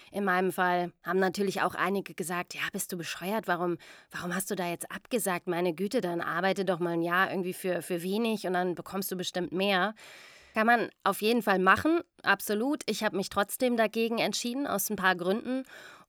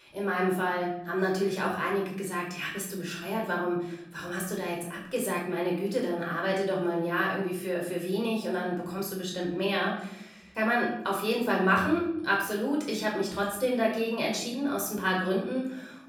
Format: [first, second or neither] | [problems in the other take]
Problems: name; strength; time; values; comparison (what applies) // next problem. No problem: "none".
first | off-mic speech; far // room echo; noticeable; dies away in 0.7 s